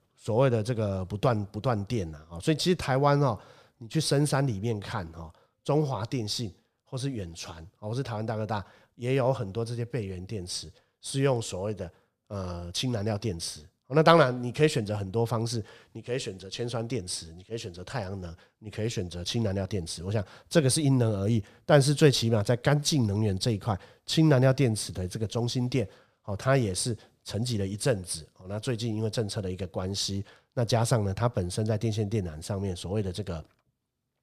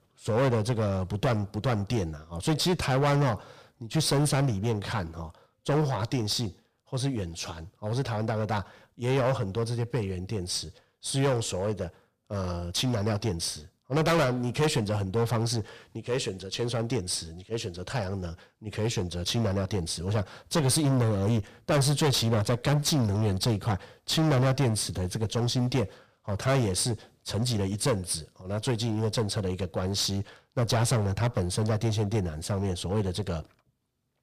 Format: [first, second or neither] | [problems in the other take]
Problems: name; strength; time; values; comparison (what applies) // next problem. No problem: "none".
first | distortion; heavy; 11% of the sound clipped